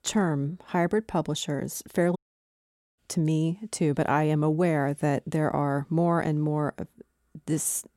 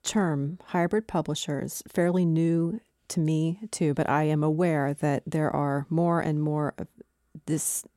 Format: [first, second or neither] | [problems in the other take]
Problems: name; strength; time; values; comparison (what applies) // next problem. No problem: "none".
second | audio cutting out; at 2 s for 1 s